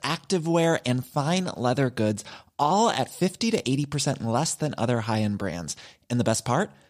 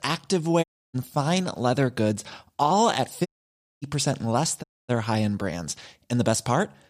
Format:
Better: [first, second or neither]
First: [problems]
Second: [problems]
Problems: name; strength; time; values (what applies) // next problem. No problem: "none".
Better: first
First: none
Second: audio cutting out; at 0.5 s, at 3.5 s for 0.5 s and at 4.5 s